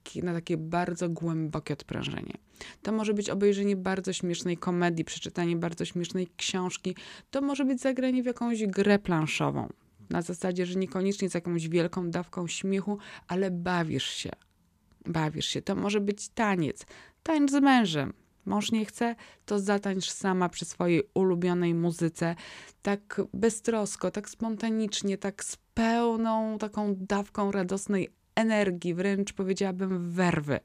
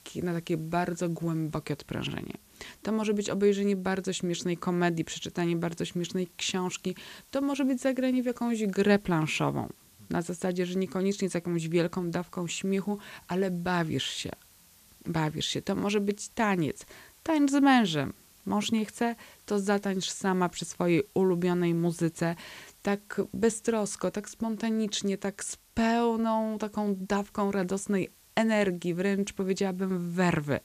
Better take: first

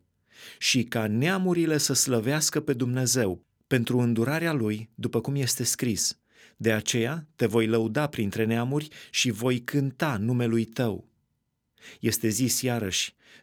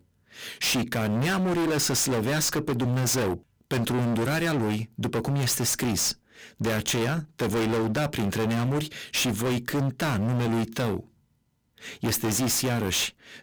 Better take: first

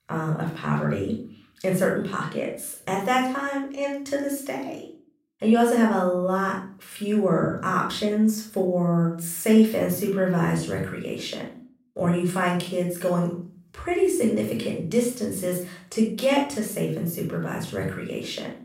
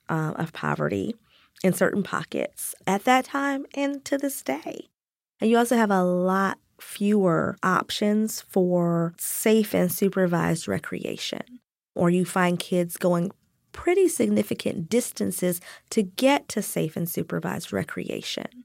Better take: second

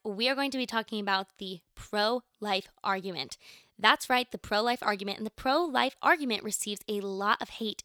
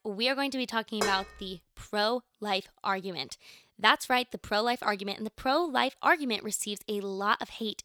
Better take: first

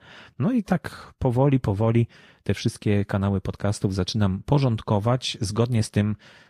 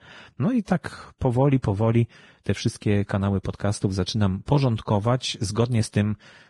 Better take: first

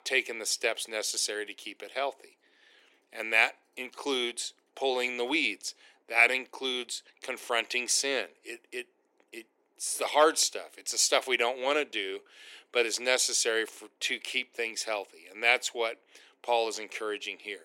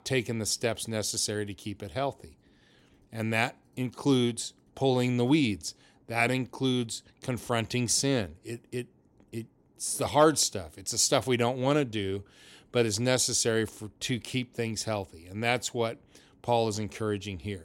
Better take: second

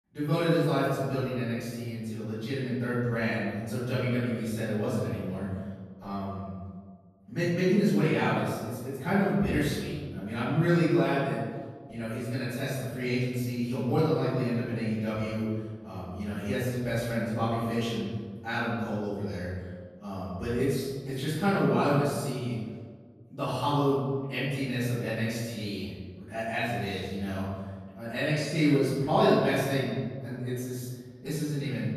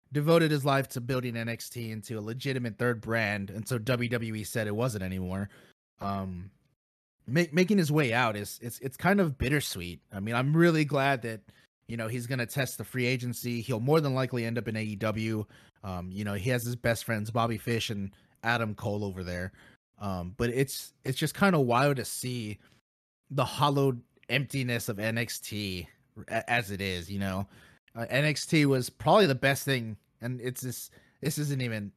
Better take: second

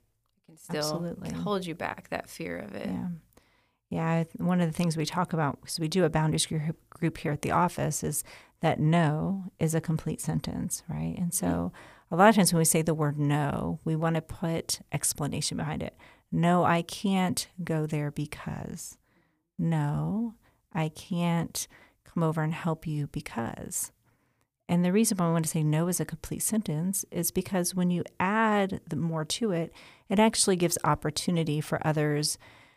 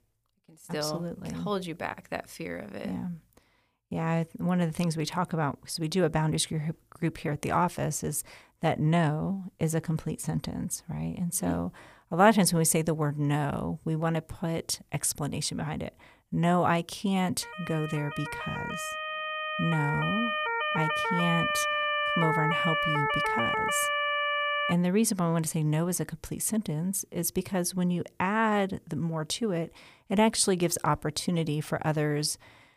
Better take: first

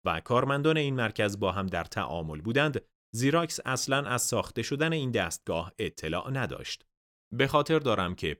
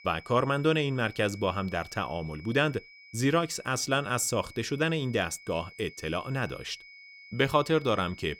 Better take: first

